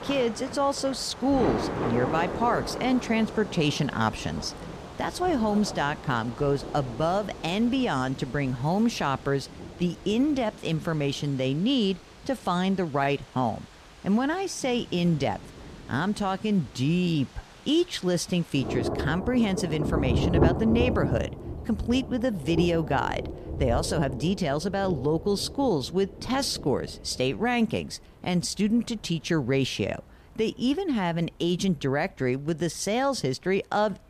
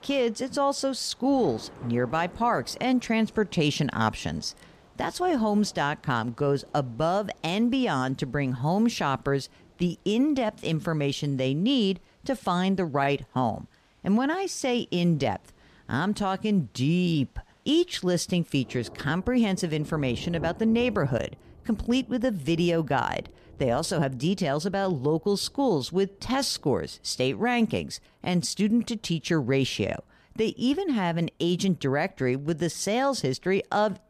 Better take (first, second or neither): second